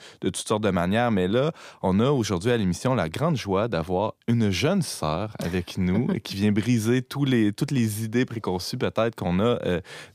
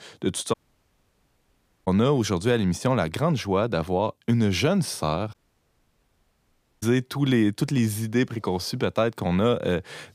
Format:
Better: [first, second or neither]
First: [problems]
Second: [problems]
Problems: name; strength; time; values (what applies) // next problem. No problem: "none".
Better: first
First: none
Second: audio cutting out; at 0.5 s for 1.5 s and at 5.5 s for 1.5 s